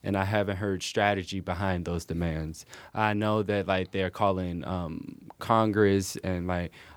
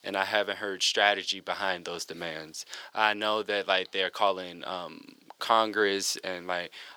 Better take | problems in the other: first | thin; very; fading below 500 Hz

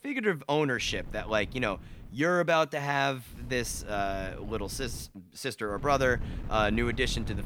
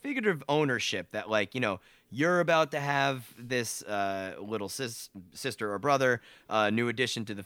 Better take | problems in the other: second | wind noise on the microphone; occasional gusts; from 1 to 2 s, from 3.5 to 5 s and from 5.5 s on; 20 dB below the speech

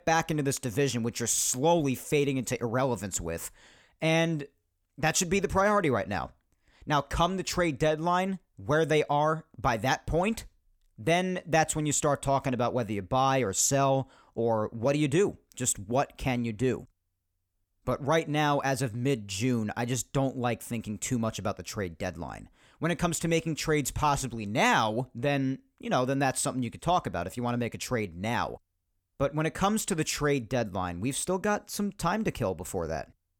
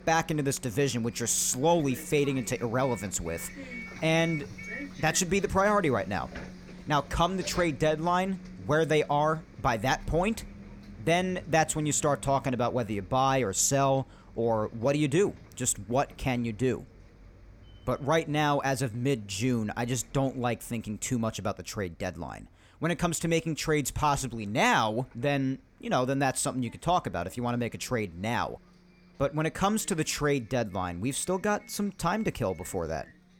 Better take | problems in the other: first | traffic noise; noticeable; throughout; 20 dB below the speech

